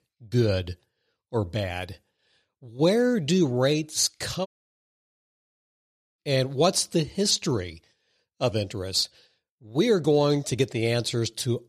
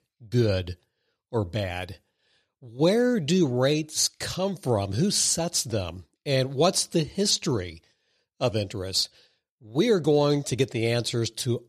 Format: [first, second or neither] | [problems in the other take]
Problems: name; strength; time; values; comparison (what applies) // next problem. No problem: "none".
second | audio cutting out; at 4.5 s for 1.5 s